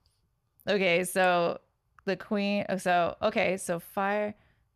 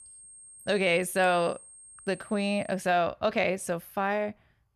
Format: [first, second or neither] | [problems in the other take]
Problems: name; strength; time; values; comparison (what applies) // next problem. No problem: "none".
first | high-pitched whine; noticeable; until 2.5 s; 8.5 kHz, 20 dB below the speech